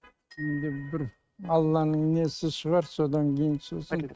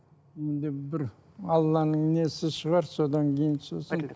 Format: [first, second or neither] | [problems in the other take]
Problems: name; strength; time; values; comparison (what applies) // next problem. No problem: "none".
second | noise reduction (neural mask model RNNoise)